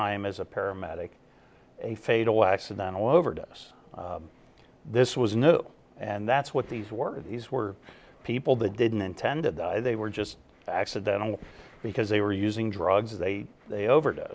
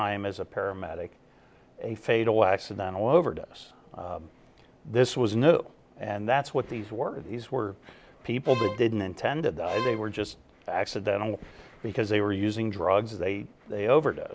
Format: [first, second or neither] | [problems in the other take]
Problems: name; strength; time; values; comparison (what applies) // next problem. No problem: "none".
first | background sound (Bowed string instrument); 10 dB below the speech